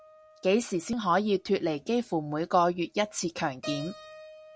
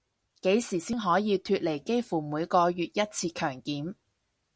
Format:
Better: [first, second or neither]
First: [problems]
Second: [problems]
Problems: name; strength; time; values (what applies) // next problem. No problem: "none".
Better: second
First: background sound (Keyboard (musical)); 19 dB below the speech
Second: none